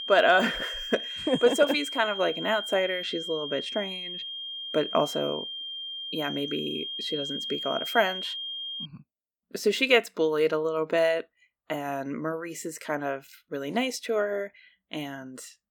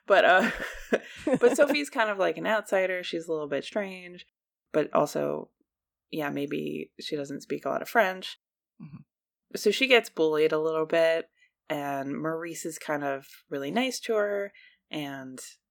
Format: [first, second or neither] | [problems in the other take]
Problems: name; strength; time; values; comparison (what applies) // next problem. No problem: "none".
second | high-pitched whine; loud; until 9 s; 3 kHz, 5 dB below the speech